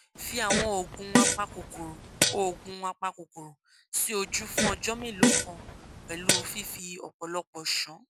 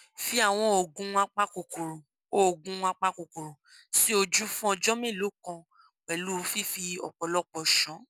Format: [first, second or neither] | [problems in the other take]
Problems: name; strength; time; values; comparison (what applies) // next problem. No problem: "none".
second | background sound (Fart); 5 dB above the speech